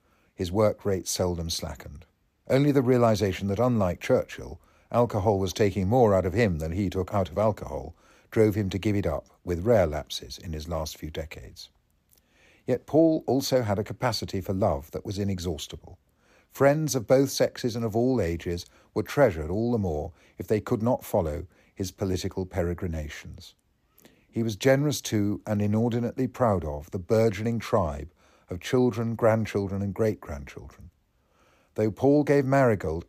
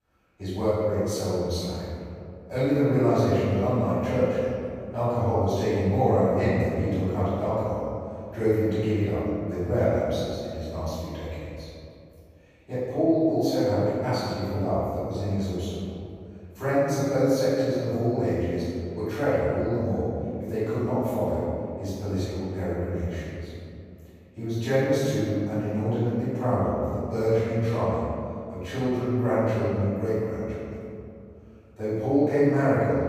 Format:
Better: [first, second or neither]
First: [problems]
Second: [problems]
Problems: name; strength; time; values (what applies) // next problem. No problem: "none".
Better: first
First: none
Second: off-mic speech; far // room echo; strong; dies away in 2.5 s